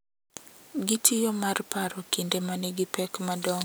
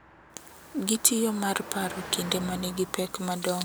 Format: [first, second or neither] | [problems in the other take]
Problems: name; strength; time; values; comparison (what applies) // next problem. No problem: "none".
first | background sound (Car passing by); 14 dB below the speech